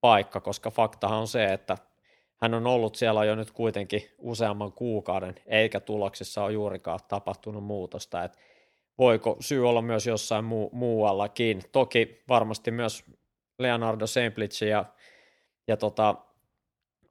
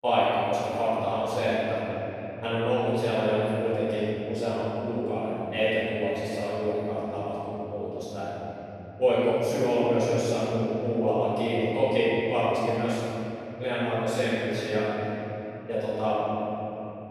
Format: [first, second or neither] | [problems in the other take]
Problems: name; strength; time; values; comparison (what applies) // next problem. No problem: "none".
first | off-mic speech; far // room echo; strong; dies away in 3 s